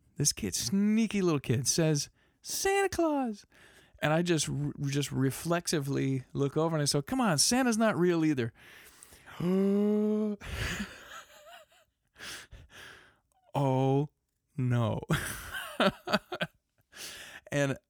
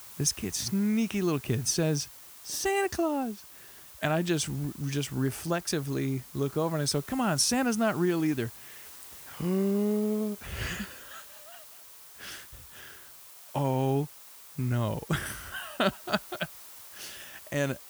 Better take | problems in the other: first | hiss; noticeable; throughout; 15 dB below the speech

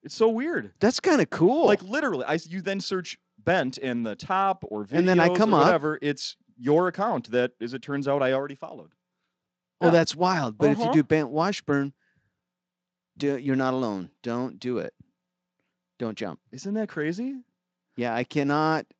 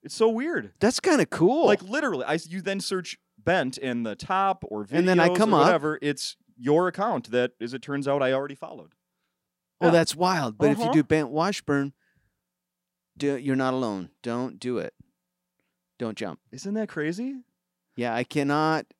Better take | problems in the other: second | garbled, watery; slightly; nothing above 7.5 kHz

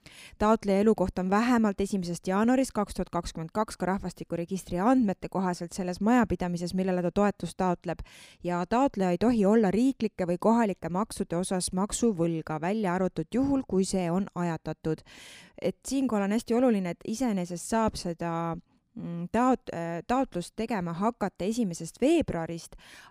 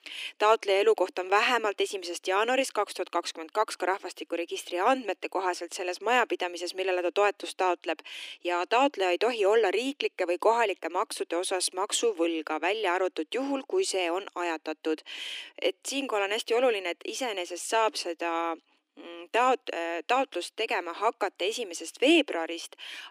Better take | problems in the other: first | thin; very; fading below 300 Hz

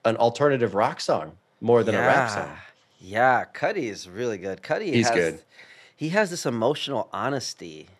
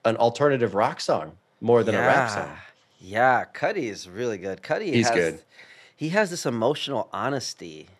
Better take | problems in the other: neither | none

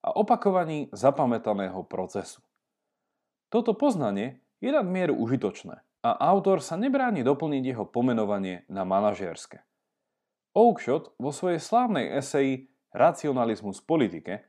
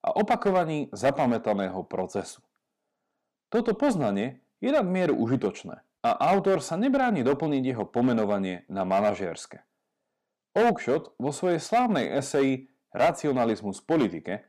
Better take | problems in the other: first | distortion; slight; 4% of the sound clipped

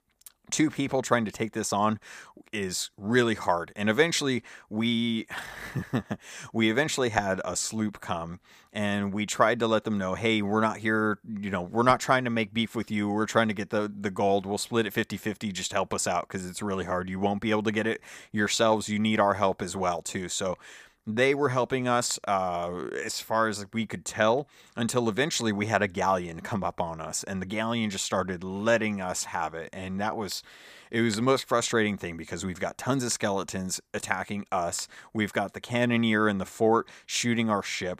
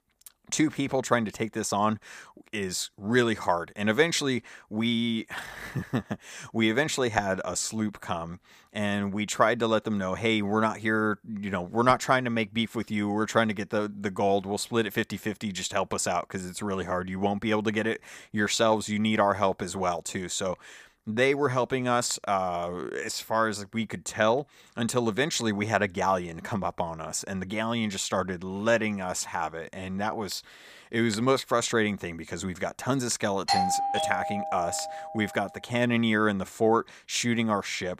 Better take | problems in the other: first | doorbell; loud; from 33 to 35 s; peak 2 dB above the speech

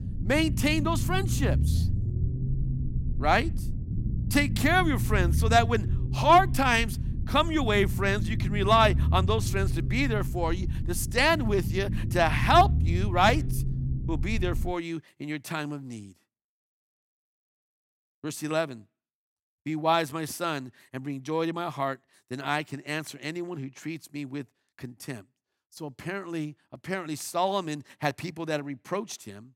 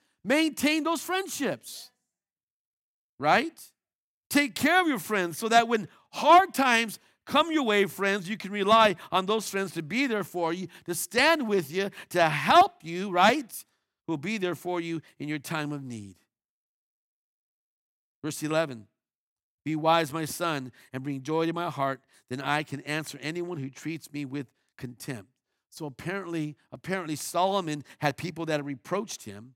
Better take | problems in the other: second | low rumble; noticeable; until 15 s; 15 dB below the speech

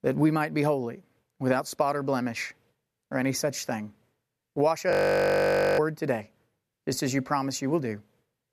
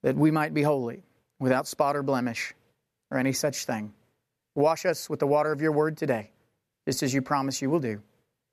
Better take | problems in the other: second | audio freezing; at 5 s for 1 s

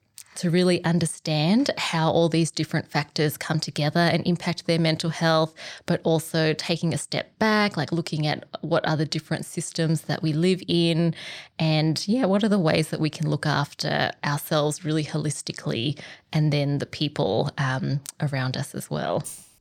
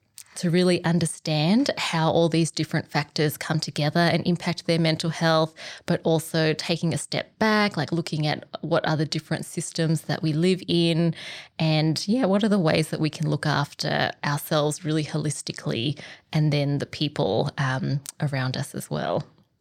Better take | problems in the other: second | jangling keys; faint; at 19 s; peak 15 dB below the speech

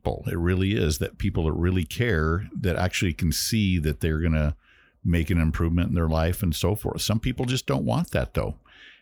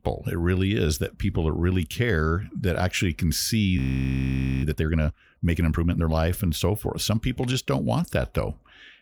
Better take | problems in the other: first | audio freezing; at 4 s for 1 s

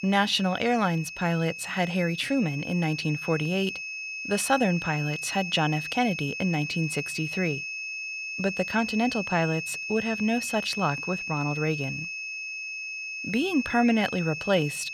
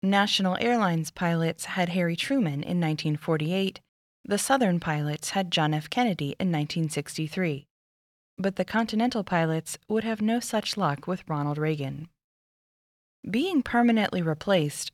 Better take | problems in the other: second | high-pitched whine; loud; throughout; 2.5 kHz, 6 dB below the speech

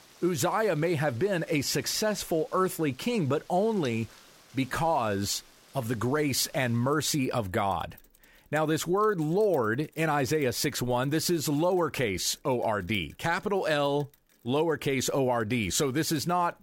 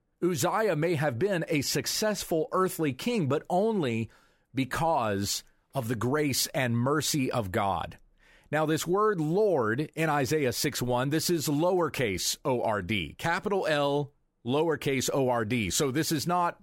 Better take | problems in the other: second | rain or running water; faint; throughout; 25 dB below the speech

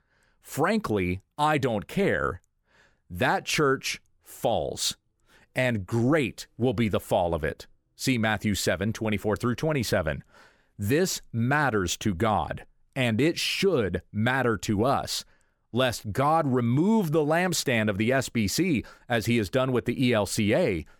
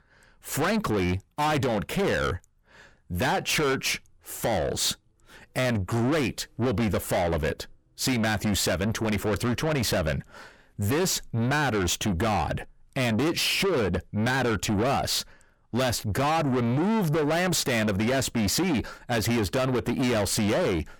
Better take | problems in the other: first | distortion; heavy; 7 dB below the speech

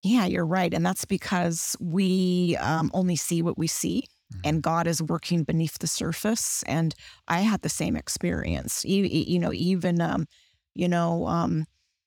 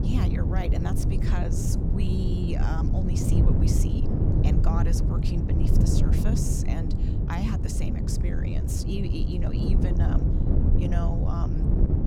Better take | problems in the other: first | wind noise on the microphone; heavy; 1 dB above the speech

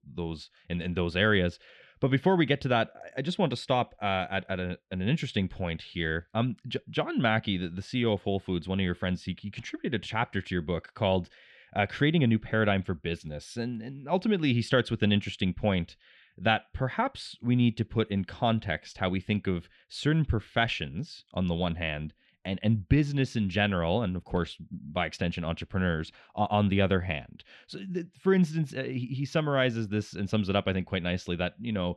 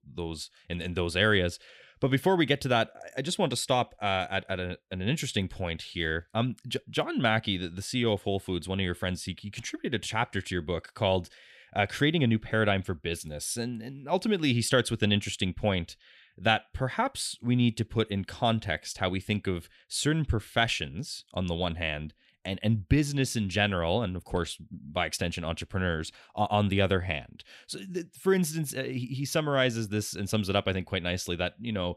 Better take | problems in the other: second | muffled; slightly; fading above 3.5 kHz

